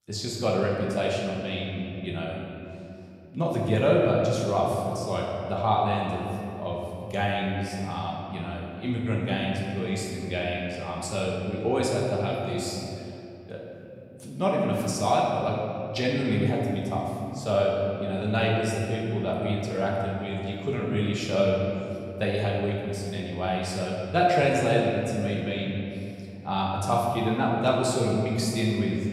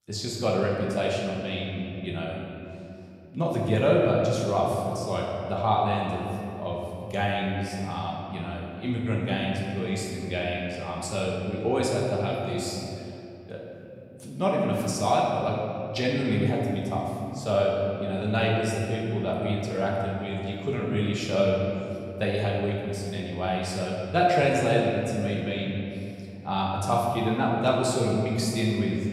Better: neither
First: room echo; noticeable; dies away in 2.5 s // off-mic speech; far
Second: room echo; noticeable; dies away in 2.5 s // off-mic speech; far

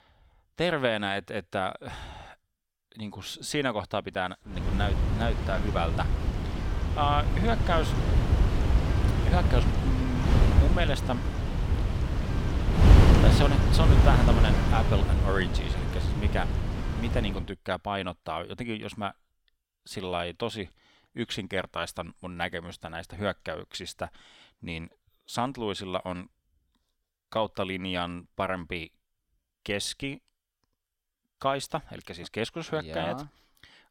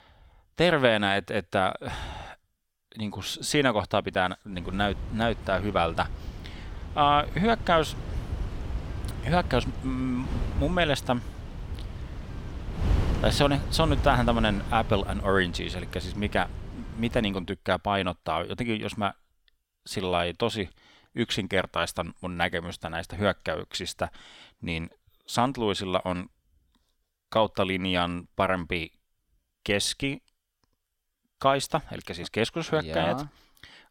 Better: second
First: wind noise on the microphone; heavy; from 4.5 to 17 s; 2 dB below the speech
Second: wind noise on the microphone; occasional gusts; from 4.5 to 17 s; 15 dB below the speech

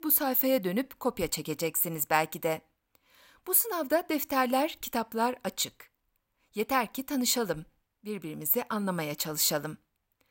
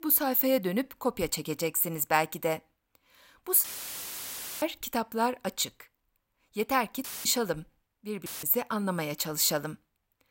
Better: first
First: none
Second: audio cutting out; filled with static; at 3.5 s for 1 s, at 7 s and at 8.5 s

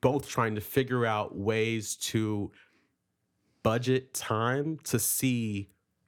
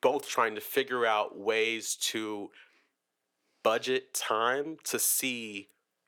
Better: first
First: none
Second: thin; somewhat; fading below 500 Hz

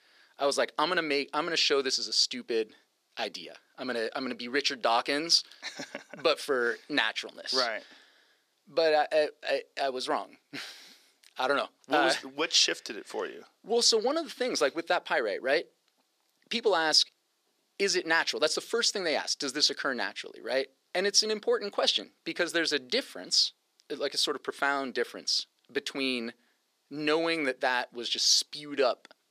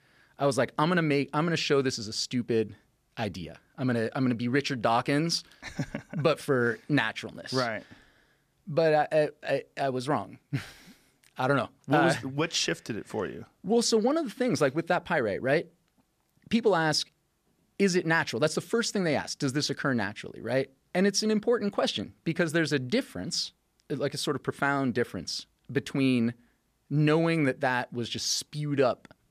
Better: second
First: thin; somewhat; fading below 350 Hz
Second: none

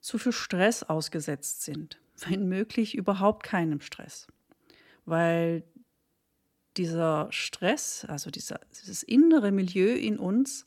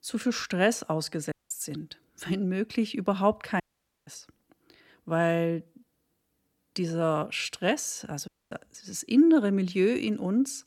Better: first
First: none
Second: audio cutting out; at 1.5 s, at 3.5 s and at 8.5 s

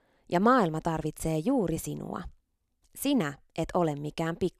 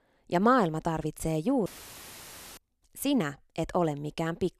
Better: first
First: none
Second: audio cutting out; filled with static; at 1.5 s for 1 s

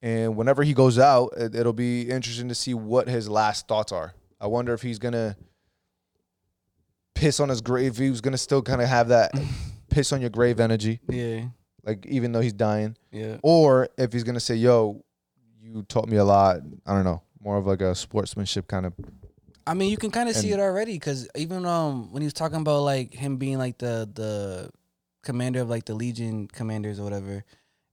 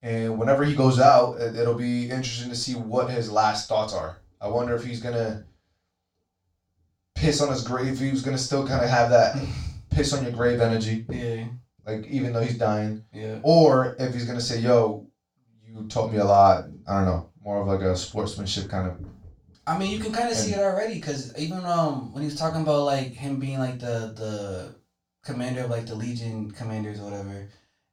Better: first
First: none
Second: room echo; slight; dies away in 0.3 s // off-mic speech; far

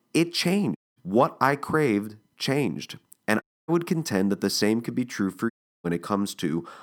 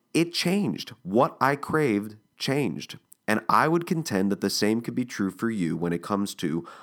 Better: second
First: audio cutting out; at 1 s, at 3.5 s and at 5.5 s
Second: none

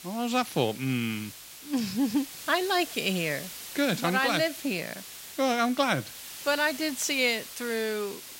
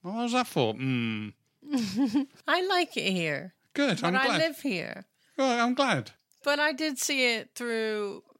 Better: second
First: hiss; noticeable; throughout; 10 dB below the speech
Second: none

